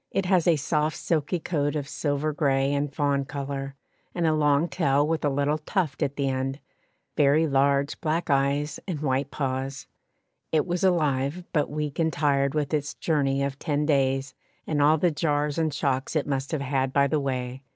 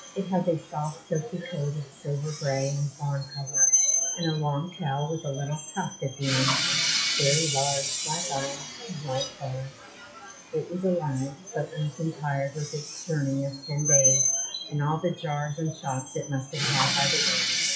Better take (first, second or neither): first